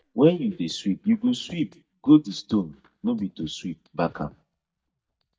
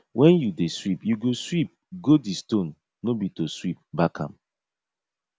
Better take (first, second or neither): second